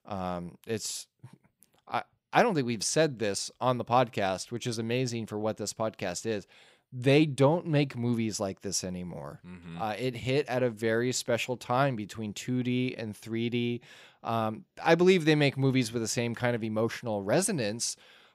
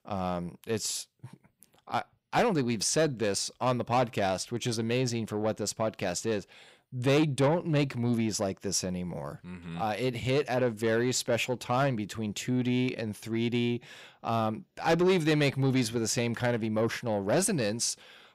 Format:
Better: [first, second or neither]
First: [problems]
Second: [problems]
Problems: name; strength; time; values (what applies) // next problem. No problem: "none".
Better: first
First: none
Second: distortion; slight; 10 dB below the speech